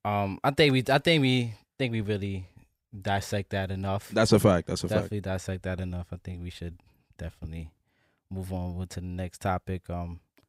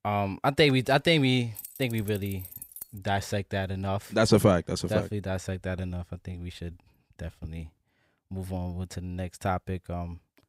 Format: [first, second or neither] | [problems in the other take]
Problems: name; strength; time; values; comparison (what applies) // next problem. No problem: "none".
first | jangling keys; faint; from 1.5 to 3 s; peak 10 dB below the speech